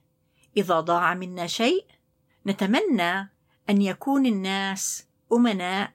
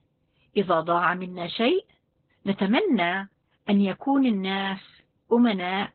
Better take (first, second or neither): first